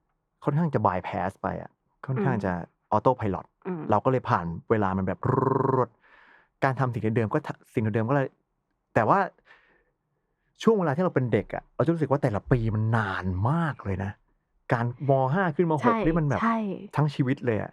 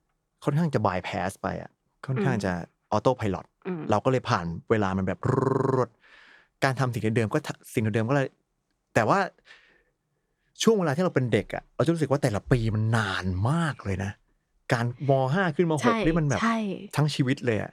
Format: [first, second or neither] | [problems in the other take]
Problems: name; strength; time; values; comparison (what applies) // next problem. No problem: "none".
second | muffled; slightly; fading above 3 kHz